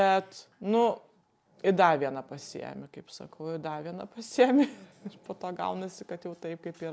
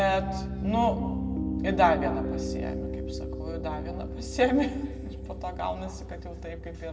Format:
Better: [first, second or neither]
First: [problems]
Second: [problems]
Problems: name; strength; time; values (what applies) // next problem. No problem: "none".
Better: first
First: none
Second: background sound (Piano); 3 dB below the speech // room echo; dies away in 1.5 s